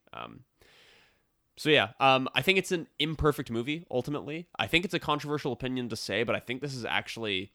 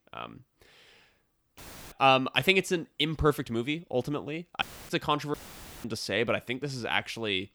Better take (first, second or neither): first